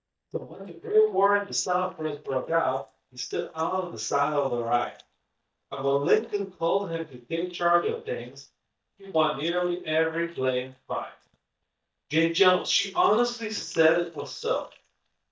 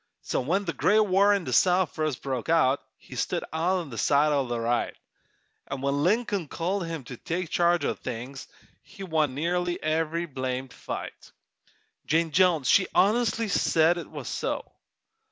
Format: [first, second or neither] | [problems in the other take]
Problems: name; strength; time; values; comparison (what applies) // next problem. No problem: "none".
second | noise reduction (neural mask model DeepFilterNet 3)